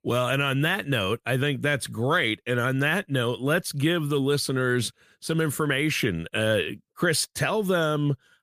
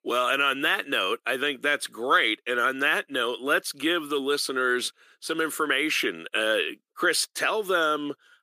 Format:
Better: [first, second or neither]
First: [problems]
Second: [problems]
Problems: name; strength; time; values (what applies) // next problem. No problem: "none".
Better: first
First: none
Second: thin; somewhat; fading below 300 Hz